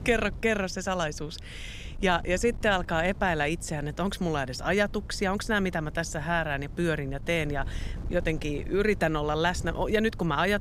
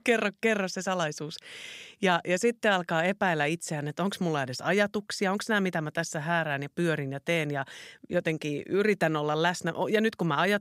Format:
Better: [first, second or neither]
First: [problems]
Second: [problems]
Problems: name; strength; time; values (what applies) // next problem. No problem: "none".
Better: second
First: wind noise on the microphone; occasional gusts; 25 dB below the speech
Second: none